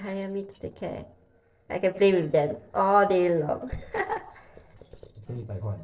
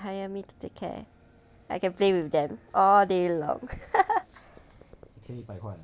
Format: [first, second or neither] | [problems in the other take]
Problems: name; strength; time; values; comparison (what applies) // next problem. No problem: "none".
second | noise reduction (neural separator model SepFormer DNS4)